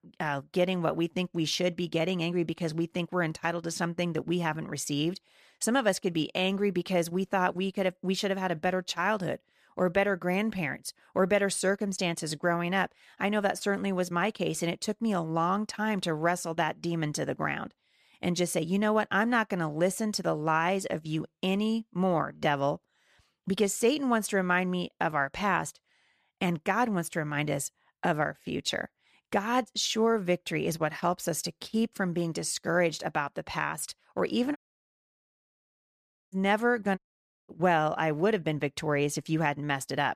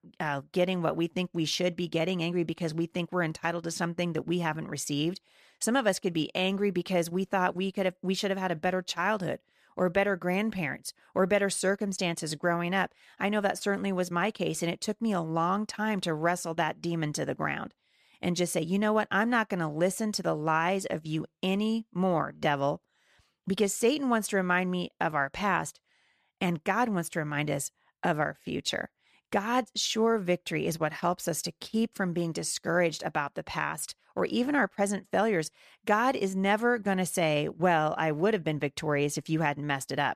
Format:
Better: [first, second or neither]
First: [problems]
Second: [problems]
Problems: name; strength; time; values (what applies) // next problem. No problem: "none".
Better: second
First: audio cutting out; at 35 s for 2 s and at 37 s for 0.5 s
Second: none